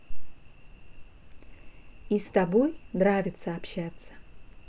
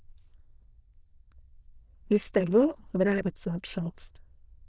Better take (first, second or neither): first